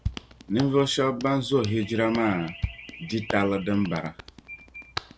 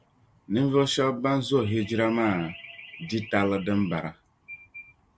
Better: second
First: background sound (Bass drum + Hands); 12 dB below the speech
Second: none

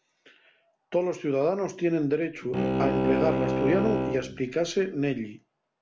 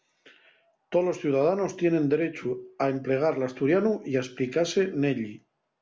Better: second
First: background sound (Bowed string instrument); as loud as the speech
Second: none

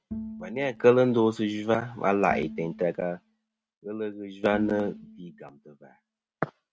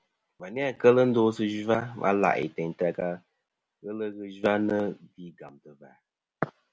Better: second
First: noise reduction (neural mask model RNNoise)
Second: none

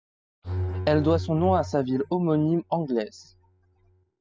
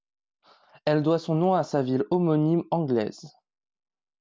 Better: second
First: noise reduction (classical method spectral subtraction)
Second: none

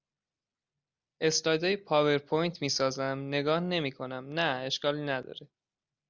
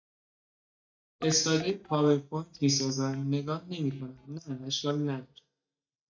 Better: first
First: none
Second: noise reduction (neural mask model DeepFilterNet 3)

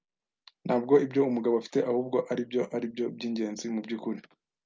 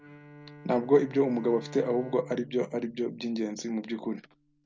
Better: first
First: none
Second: background sound (Bowed string instrument); 18 dB below the speech

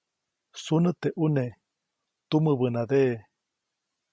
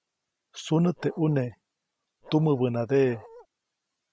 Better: first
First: none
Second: background sound (Bark); 20 dB below the speech

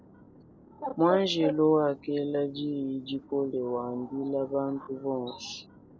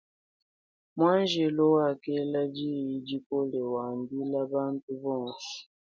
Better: second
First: background sound (Bird); 12 dB below the speech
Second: none

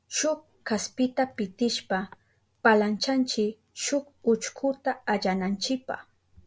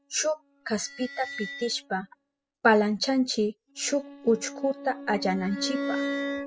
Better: first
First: none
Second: noise reduction (classical method spectral subtraction)

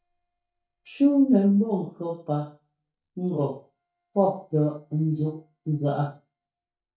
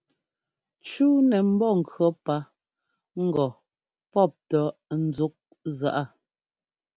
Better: second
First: noise reduction (neural mask model DeepFilterNet 3)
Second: none

